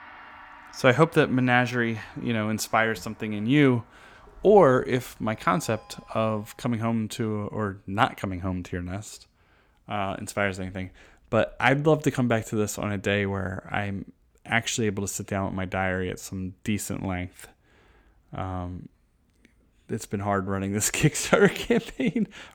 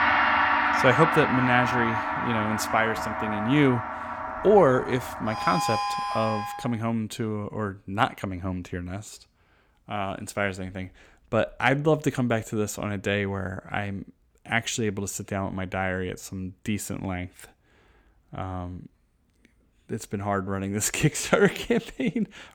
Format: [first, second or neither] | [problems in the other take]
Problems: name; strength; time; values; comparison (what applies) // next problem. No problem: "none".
first | background music; loud; until 6.5 s; as loud as the speech; faint in the first